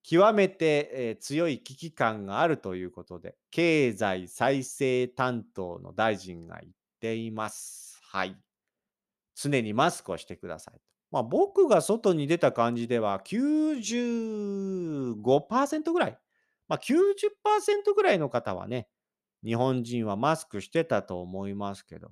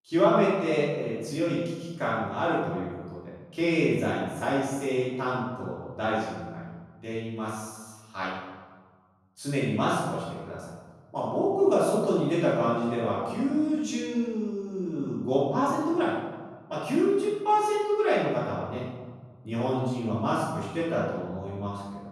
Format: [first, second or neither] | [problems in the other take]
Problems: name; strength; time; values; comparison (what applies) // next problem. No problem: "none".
first | room echo; strong; dies away in 1.4 s // off-mic speech; far